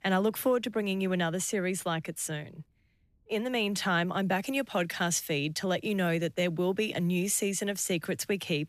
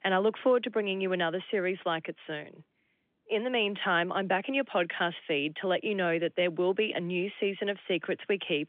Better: first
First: none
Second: phone-call audio; nothing above 3.5 kHz

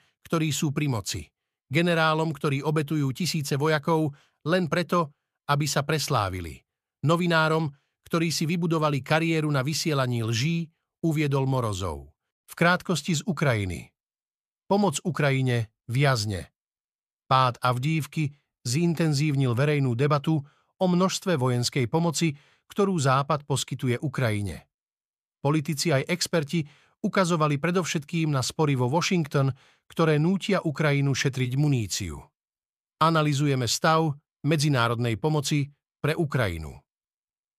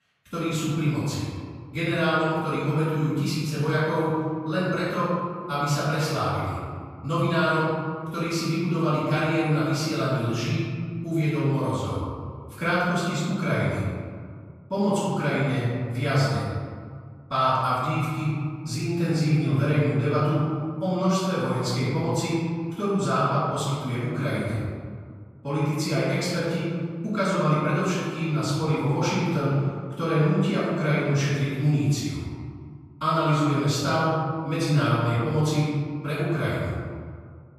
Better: first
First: none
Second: off-mic speech; far // room echo; strong; dies away in 1.8 s

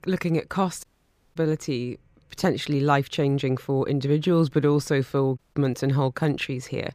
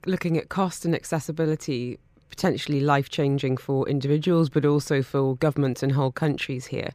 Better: second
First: audio cutting out; at 1 s for 0.5 s and at 5.5 s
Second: none

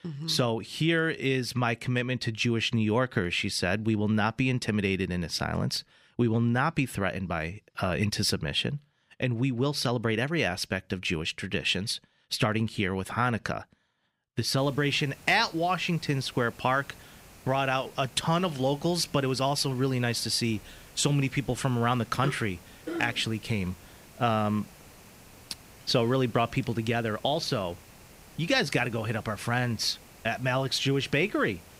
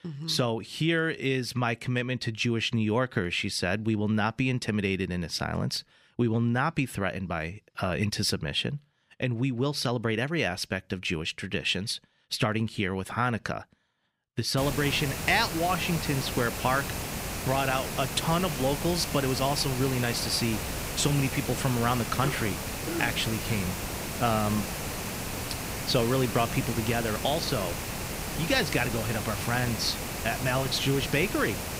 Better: first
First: hiss; faint; from 15 s on; 20 dB below the speech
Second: hiss; loud; from 15 s on; 5 dB below the speech

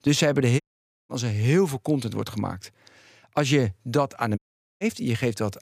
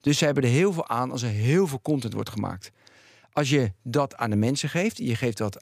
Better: second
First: audio cutting out; at 0.5 s and at 4.5 s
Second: none

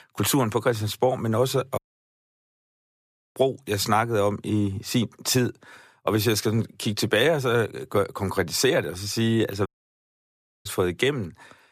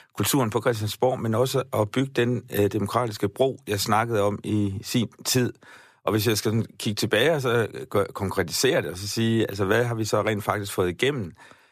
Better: second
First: audio cutting out; at 2 s for 1.5 s and at 9.5 s for 1 s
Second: none

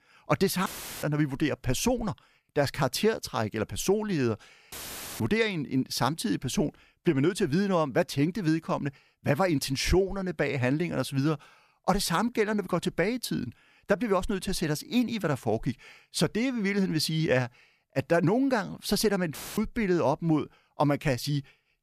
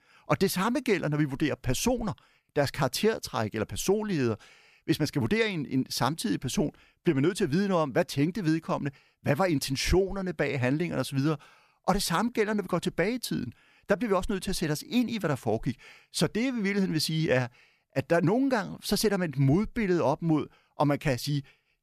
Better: second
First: audio cutting out; filled with static; at 0.5 s, at 4.5 s and at 19 s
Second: none

